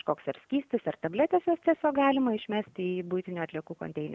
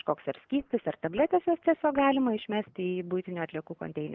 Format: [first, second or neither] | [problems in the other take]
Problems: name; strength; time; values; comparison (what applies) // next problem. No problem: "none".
first | noise reduction (neural mask model Resemble Enhance denoiser)